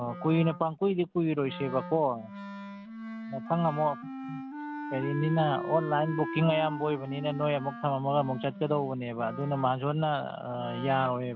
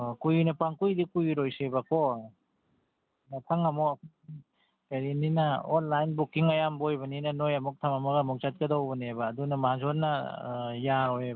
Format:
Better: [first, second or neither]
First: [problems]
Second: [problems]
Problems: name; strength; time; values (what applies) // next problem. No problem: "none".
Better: second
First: background sound (Wind instrument, woodwind instrument); 10 dB below the speech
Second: none